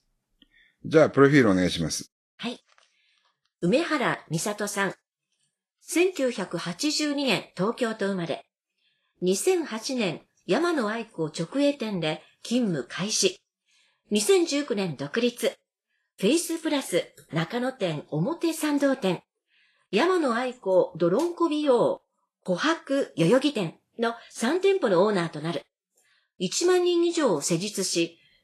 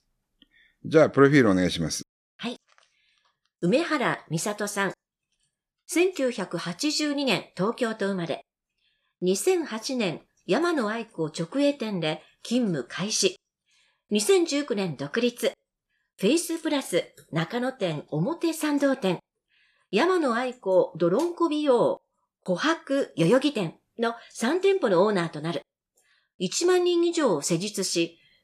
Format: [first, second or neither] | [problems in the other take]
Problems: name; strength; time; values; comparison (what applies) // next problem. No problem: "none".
second | garbled, watery; slightly; nothing above 12.5 kHz